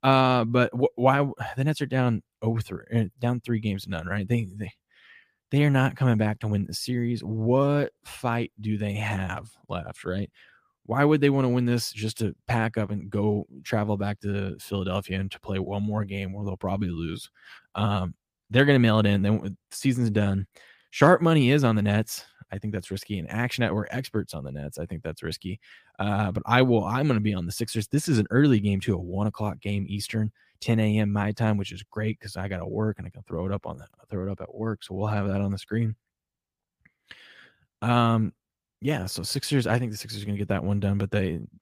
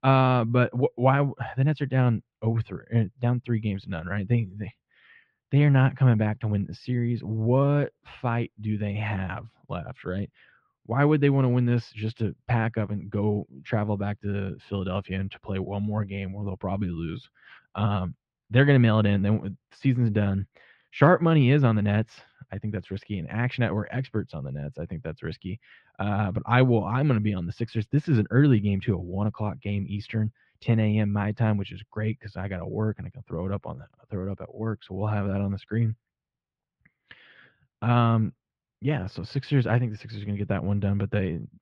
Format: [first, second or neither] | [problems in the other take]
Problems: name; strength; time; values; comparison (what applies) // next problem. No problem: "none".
first | muffled; slightly; fading above 3 kHz